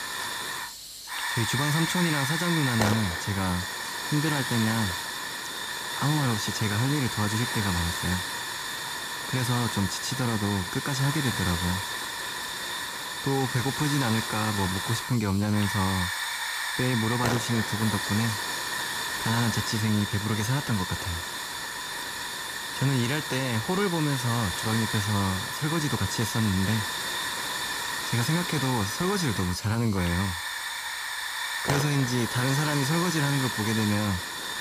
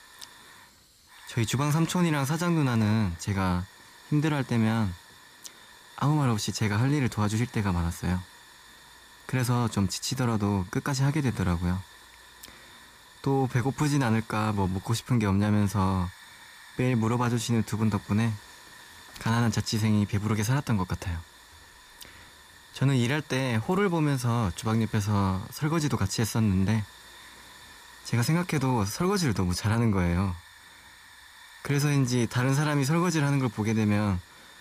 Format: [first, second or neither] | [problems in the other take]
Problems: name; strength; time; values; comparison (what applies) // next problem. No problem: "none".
second | hiss; loud; throughout; 2 dB below the speech; faint in the second